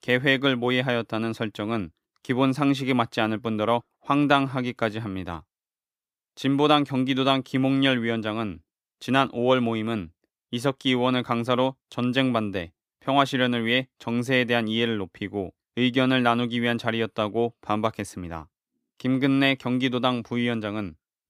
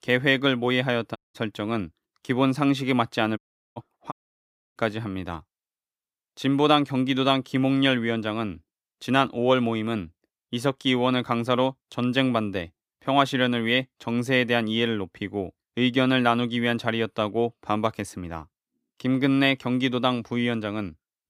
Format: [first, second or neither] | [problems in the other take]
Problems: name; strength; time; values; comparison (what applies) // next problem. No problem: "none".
first | audio cutting out; at 1 s, at 3.5 s and at 4 s for 0.5 s